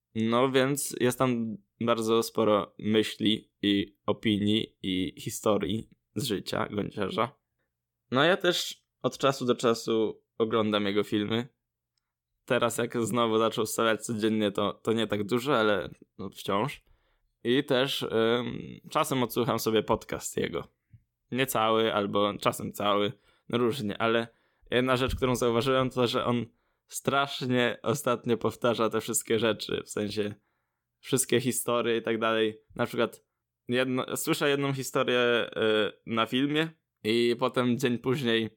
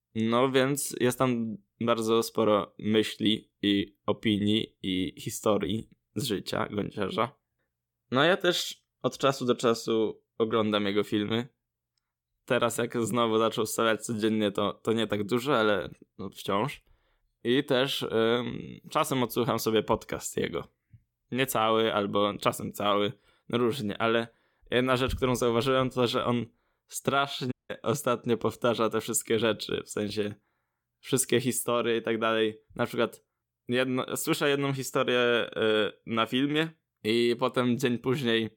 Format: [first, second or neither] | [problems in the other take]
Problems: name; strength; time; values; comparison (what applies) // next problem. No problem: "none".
first | audio cutting out; at 28 s